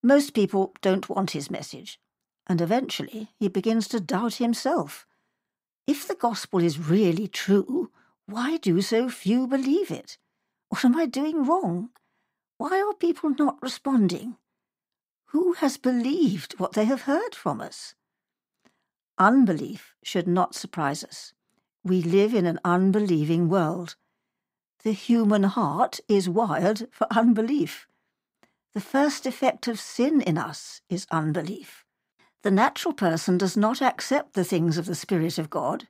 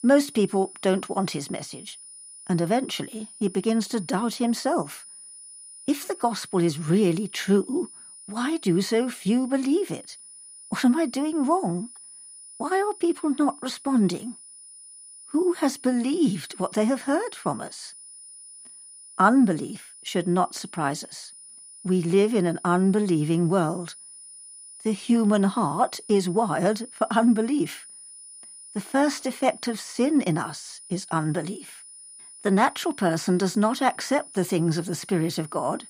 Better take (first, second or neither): first